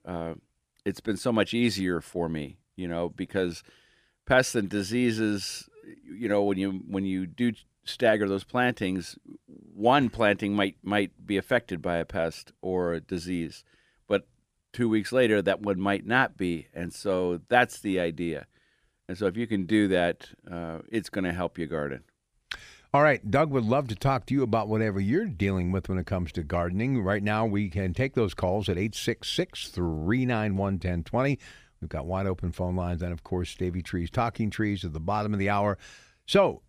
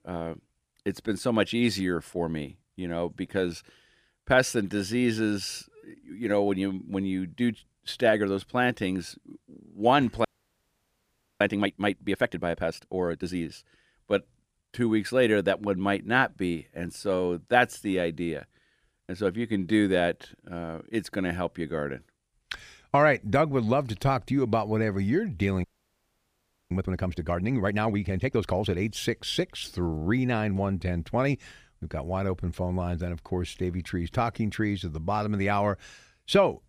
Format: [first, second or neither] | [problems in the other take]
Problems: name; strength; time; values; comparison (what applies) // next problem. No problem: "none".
first | audio freezing; at 10 s for 1 s and at 26 s for 1 s